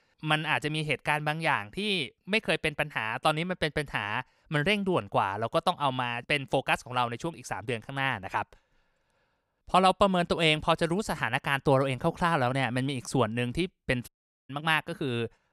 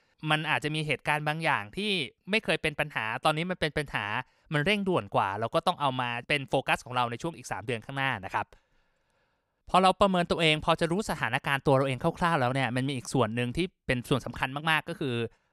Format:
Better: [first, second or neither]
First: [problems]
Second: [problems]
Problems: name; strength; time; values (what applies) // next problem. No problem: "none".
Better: second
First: audio cutting out; at 14 s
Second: none